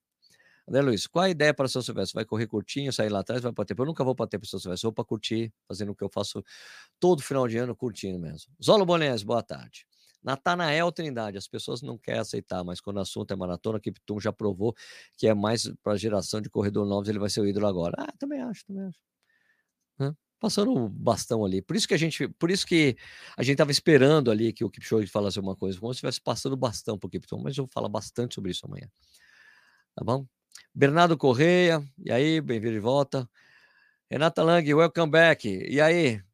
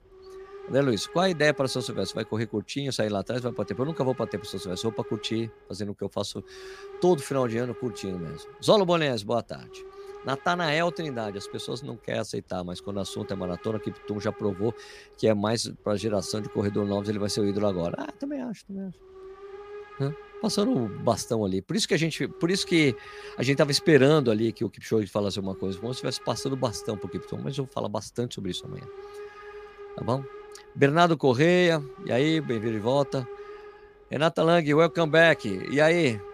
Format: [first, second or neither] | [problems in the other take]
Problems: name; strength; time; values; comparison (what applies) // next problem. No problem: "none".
first | hiss; noticeable; throughout; 15 dB below the speech